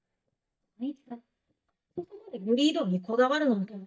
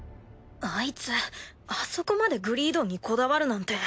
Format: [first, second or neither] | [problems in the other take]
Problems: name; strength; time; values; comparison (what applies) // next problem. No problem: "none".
second | noise reduction (neural mask model DeepFilterNet 3)